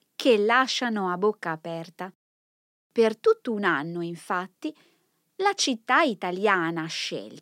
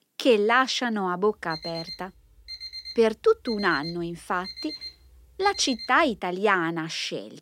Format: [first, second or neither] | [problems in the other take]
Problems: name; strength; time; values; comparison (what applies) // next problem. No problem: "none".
first | alarm; faint; from 1.5 to 6 s; peak 10 dB below the speech